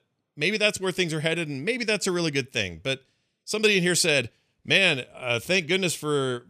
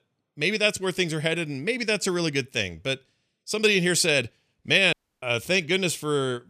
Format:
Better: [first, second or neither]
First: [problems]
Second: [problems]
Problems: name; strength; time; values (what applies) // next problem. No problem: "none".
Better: first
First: none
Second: audio cutting out; at 5 s